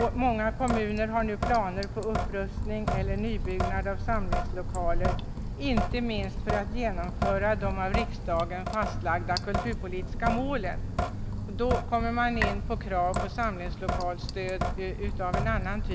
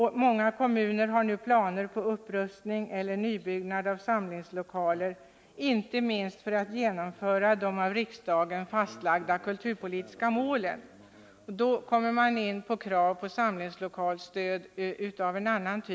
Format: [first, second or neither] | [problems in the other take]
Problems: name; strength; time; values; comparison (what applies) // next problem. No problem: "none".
second | background sound (Drip / Sink (filling or washing)); 1 dB above the speech